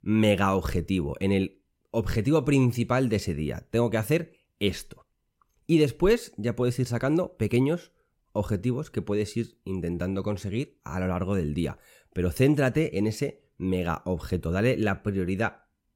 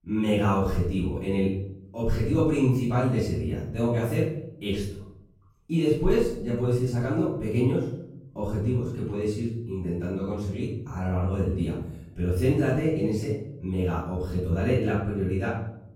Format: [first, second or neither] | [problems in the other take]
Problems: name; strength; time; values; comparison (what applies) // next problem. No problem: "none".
first | off-mic speech; far // room echo; noticeable; dies away in 0.8 s